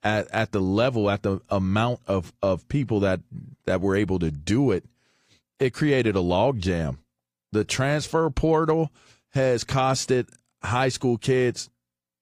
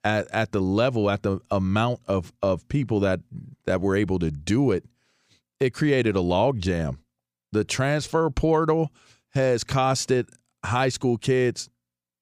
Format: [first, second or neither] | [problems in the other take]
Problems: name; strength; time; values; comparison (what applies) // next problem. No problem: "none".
second | garbled, watery; slightly; nothing above 15 kHz